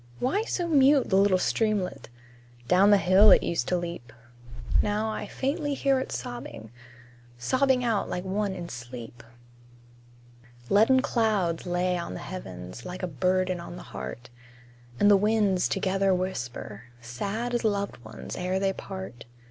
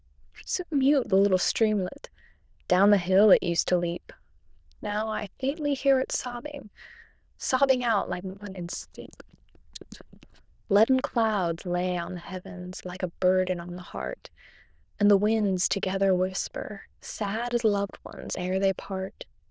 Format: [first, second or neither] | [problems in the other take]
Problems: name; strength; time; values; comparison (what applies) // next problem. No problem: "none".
first | noise reduction (neural diffusion model UNIVERSE++)